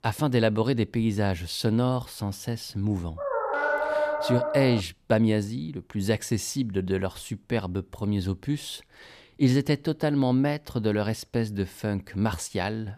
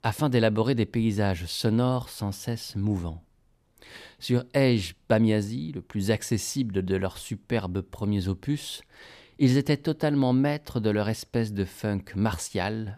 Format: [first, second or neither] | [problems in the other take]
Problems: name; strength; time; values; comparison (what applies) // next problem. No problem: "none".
second | dog barking; loud; from 3 to 5 s; peak 1 dB above the speech